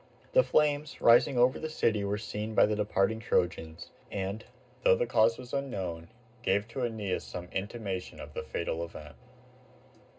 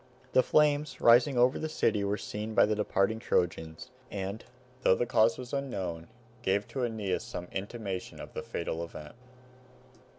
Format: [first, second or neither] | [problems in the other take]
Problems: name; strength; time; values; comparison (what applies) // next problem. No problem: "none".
second | room echo; dies away in 0.2 s